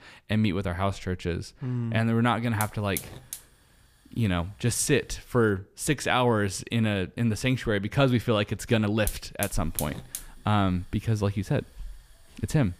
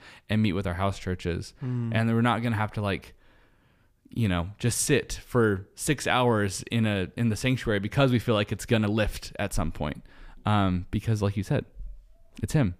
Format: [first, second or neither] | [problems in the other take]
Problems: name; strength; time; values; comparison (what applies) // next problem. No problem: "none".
second | hiss; loud; from 2.5 to 5.5 s and from 8.5 s on; 10 dB below the speech